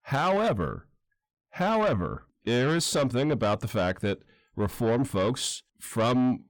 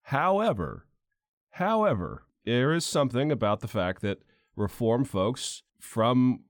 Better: second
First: distortion; slight; 10 dB below the speech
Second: none

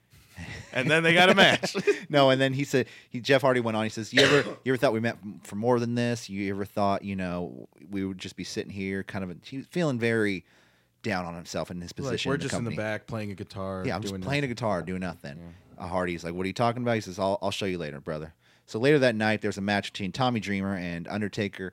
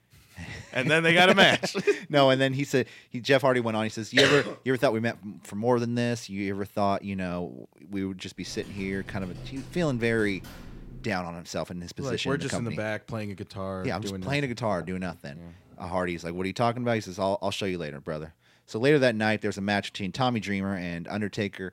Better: first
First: none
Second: keyboard typing; faint; from 8.5 to 11 s; peak 15 dB below the speech

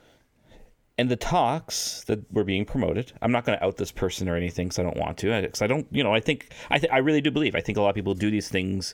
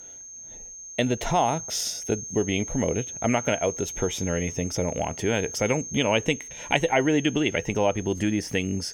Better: first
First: none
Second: high-pitched whine; loud; throughout; 6.5 kHz, 10 dB below the speech

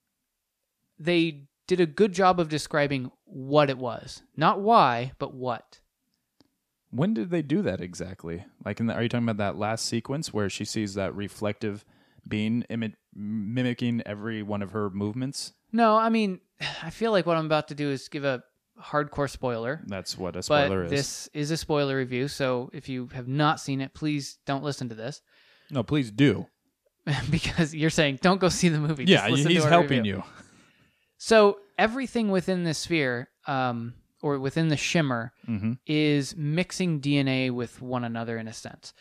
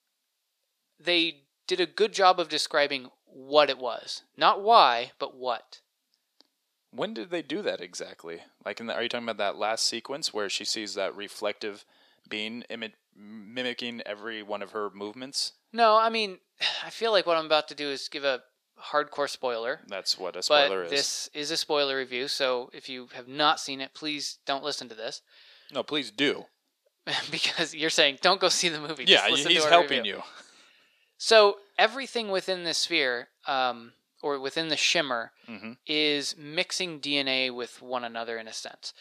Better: first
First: none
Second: thin; somewhat; fading below 500 Hz

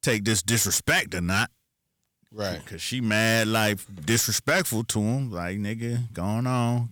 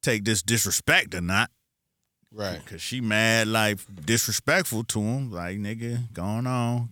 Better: second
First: distortion; slight; 4% of the sound clipped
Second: none

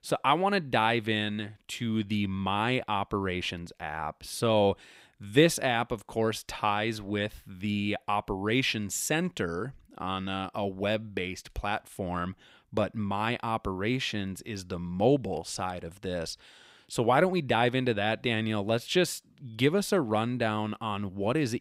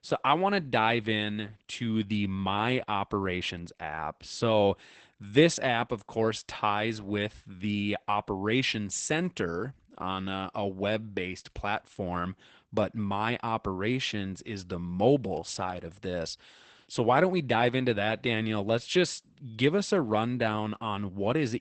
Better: first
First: none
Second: garbled, watery; badly; nothing above 8 kHz

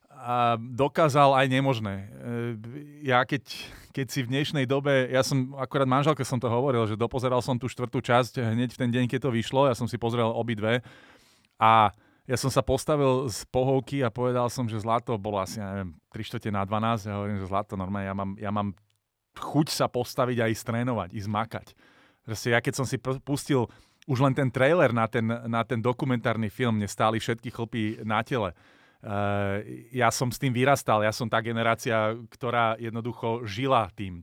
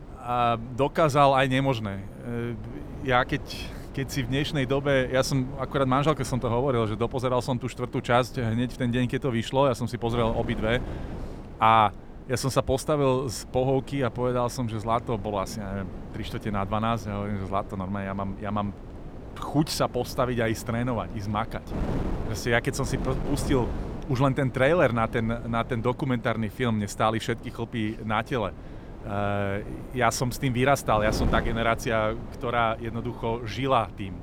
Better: first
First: none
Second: wind noise on the microphone; occasional gusts; 15 dB below the speech

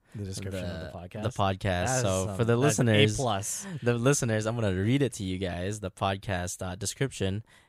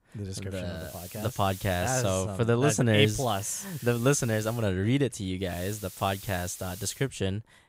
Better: first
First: none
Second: hiss; noticeable; from 1 to 2 s, from 3 to 4.5 s and from 5.5 to 7 s; 15 dB below the speech

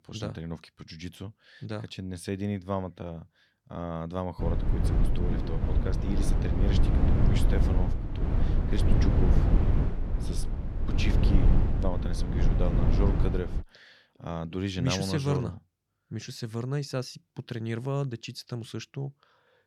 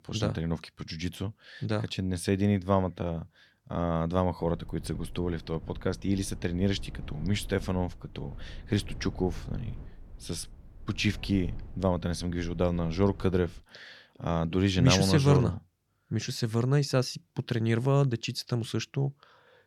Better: second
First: low rumble; loud; from 4.5 to 14 s; 1 dB below the speech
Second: low rumble; faint; from 4.5 to 14 s; 25 dB below the speech

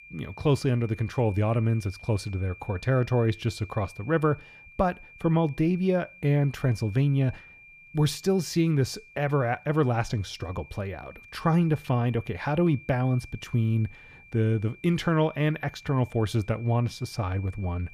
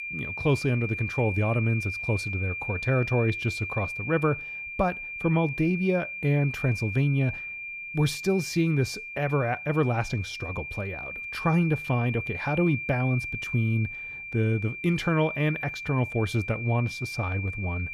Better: first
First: high-pitched whine; faint; throughout; 2.5 kHz, 20 dB below the speech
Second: high-pitched whine; loud; throughout; 2.5 kHz, 6 dB below the speech

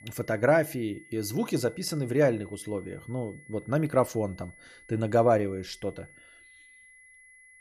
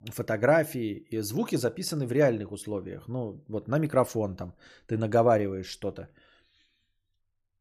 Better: second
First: high-pitched whine; faint; throughout; 2 kHz, 25 dB below the speech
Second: none

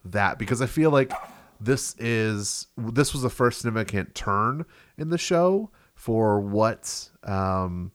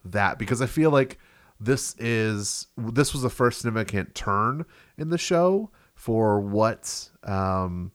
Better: second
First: dog barking; faint; at 1 s; peak 10 dB below the speech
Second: none

